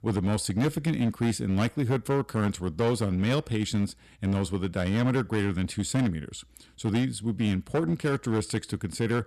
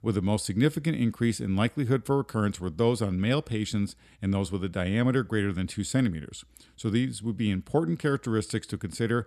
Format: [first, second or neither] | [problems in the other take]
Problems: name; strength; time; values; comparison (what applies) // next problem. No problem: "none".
second | distortion; slight; 11% of the sound clipped